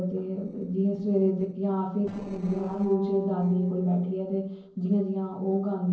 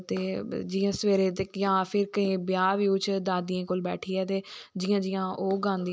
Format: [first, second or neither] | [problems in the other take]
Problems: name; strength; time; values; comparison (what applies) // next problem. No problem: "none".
second | noise reduction (neural separator model SepFormer DNS4)